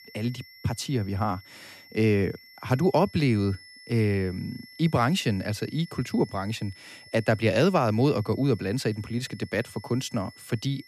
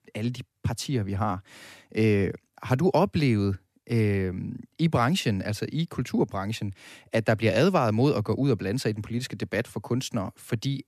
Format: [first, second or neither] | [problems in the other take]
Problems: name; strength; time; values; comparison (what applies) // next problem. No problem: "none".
second | high-pitched whine; faint; throughout; 2 kHz, 20 dB below the speech